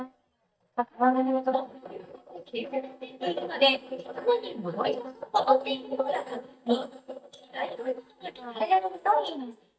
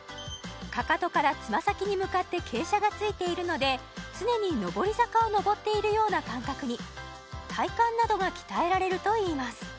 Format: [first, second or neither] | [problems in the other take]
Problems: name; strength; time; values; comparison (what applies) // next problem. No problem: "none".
second | noise reduction (neural mask model DeepFilterNet 3)